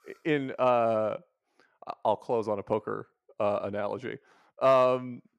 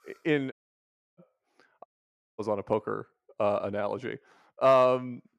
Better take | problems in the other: first | audio cutting out; at 0.5 s for 0.5 s and at 2 s for 0.5 s

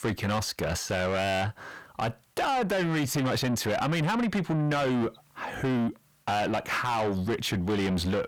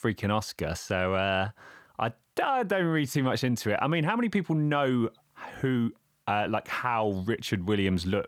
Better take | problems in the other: second | distortion; heavy; 7 dB below the speech

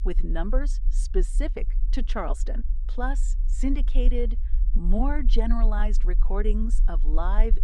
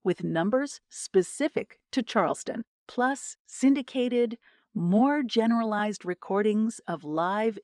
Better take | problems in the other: second | low rumble; noticeable; throughout; 20 dB below the speech

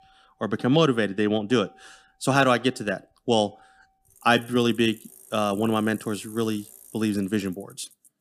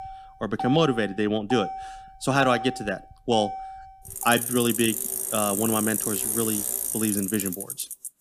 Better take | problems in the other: first | traffic noise; loud; throughout; 3 dB below the speech; faint in the first

